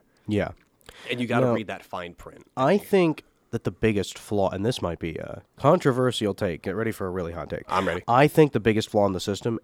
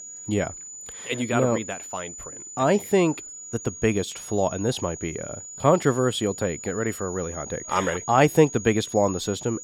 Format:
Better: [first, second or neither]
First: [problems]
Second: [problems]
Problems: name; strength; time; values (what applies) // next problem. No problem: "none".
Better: first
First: none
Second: high-pitched whine; noticeable; throughout; 6.5 kHz, 10 dB below the speech